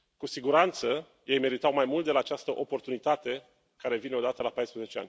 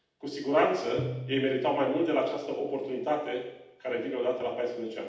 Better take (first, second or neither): first